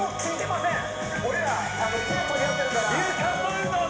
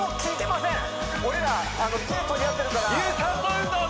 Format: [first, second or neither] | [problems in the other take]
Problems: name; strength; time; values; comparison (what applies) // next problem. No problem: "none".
second | background sound (Trumpet); 9 dB below the speech // room echo; dies away in 1 s